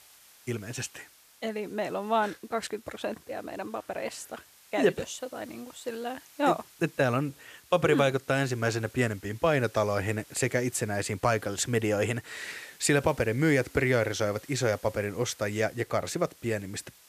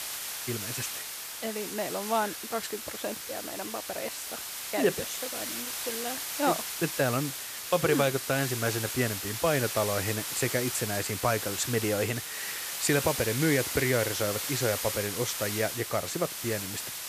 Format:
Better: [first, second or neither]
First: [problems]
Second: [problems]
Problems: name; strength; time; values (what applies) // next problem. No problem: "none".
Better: first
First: hiss; faint; throughout; 25 dB below the speech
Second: hiss; loud; throughout; 3 dB below the speech